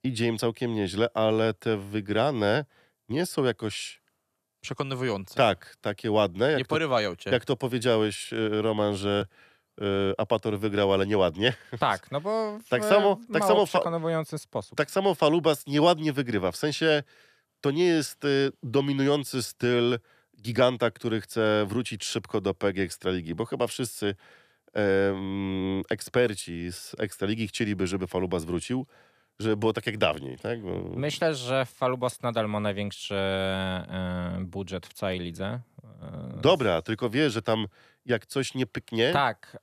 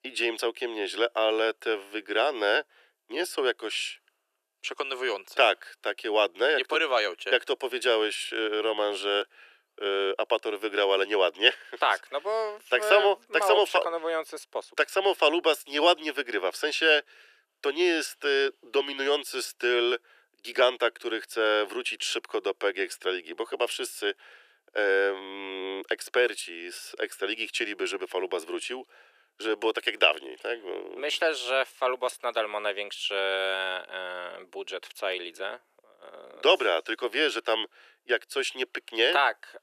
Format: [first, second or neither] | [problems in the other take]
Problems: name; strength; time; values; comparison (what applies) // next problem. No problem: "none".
first | thin; very; fading below 350 Hz